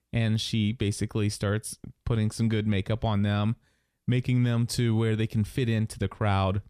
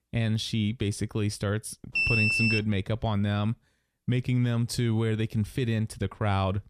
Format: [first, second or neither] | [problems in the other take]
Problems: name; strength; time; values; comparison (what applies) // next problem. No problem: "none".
first | alarm; loud; at 2 s; peak 6 dB above the speech